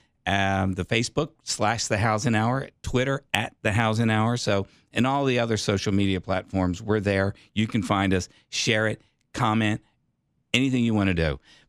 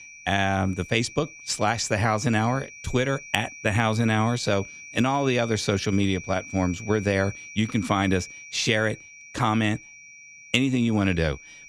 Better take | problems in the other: first | high-pitched whine; noticeable; throughout; 2.5 kHz, 15 dB below the speech

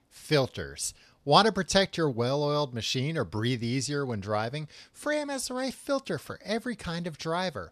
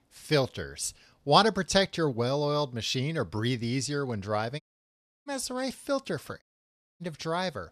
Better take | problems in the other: first | audio cutting out; at 4.5 s for 0.5 s and at 6.5 s for 0.5 s

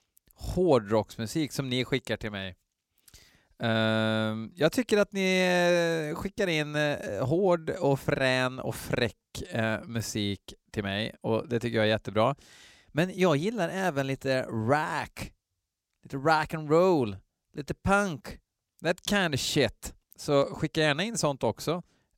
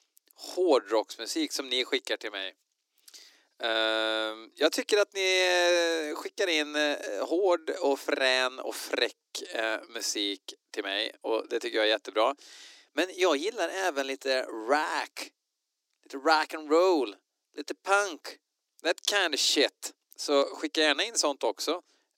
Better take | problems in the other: first | thin; somewhat; fading below 300 Hz

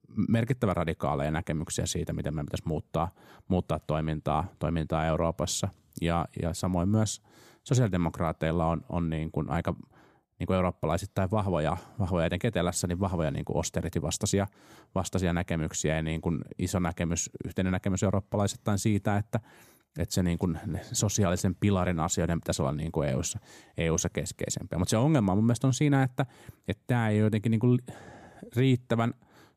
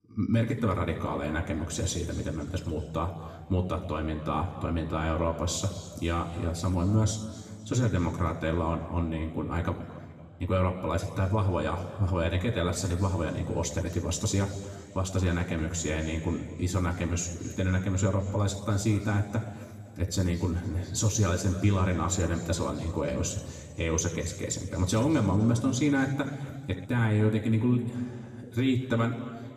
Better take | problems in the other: first | room echo; slight; dies away in 2 s // off-mic speech; somewhat distant

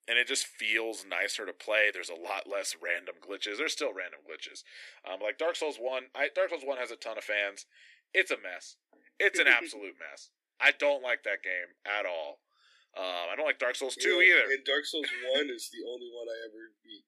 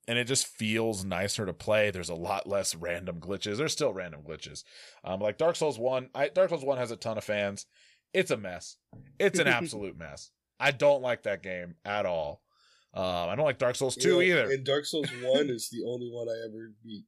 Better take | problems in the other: second | thin; somewhat; fading below 300 Hz

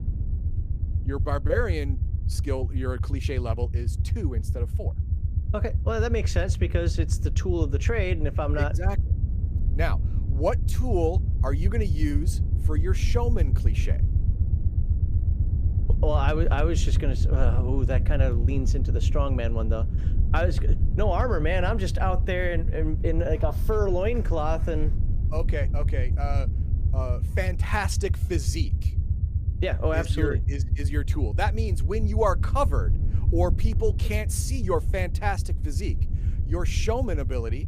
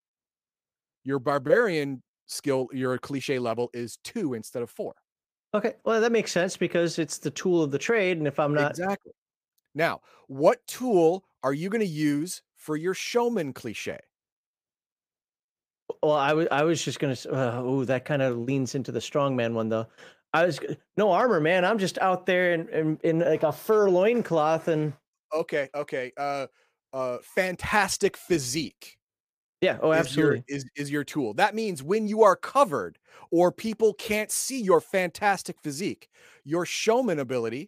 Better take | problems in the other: second | low rumble; noticeable; throughout; 10 dB below the speech

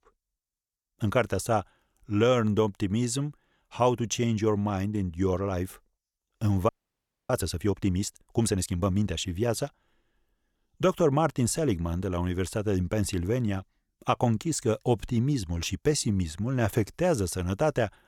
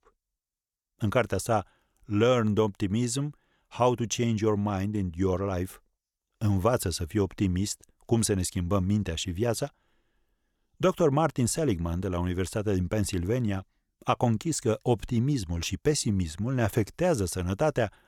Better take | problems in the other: second | audio freezing; at 6.5 s for 0.5 s

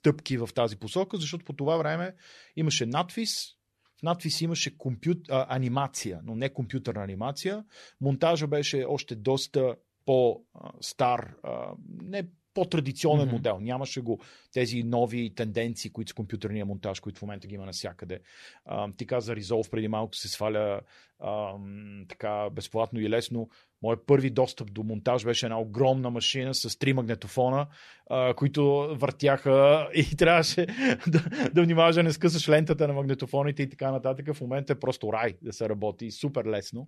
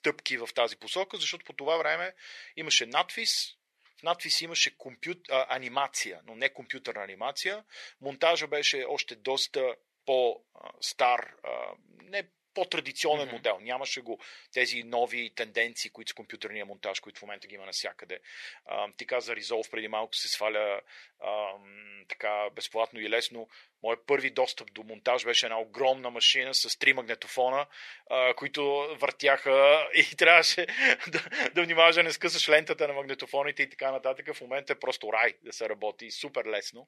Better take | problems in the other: first | thin; very; fading below 600 Hz

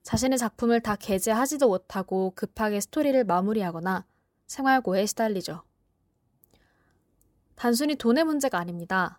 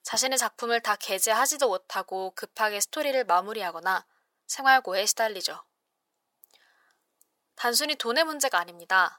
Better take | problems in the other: first | thin; very; fading below 800 Hz

